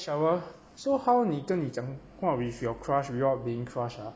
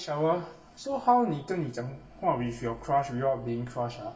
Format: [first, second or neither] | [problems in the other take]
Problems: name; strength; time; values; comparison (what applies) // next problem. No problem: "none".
first | room echo; dies away in 0.2 s